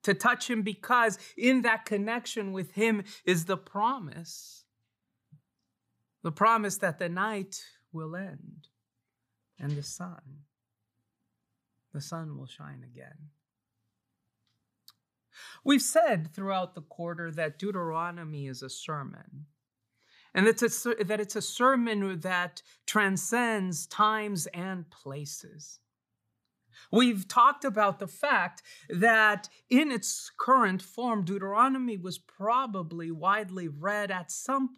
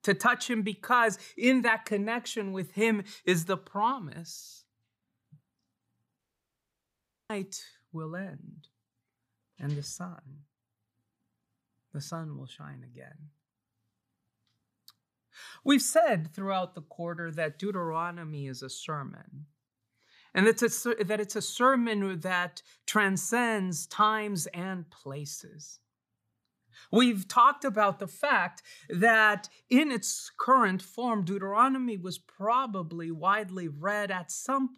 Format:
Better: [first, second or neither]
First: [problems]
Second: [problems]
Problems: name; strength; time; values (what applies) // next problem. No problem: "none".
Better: first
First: none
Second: audio cutting out; at 6 s for 1 s